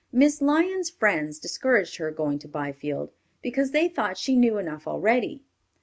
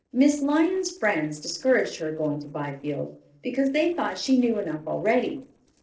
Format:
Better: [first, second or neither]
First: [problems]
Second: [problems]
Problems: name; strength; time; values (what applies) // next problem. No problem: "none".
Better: first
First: none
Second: noise reduction (neural separator model SepFormer DNS4)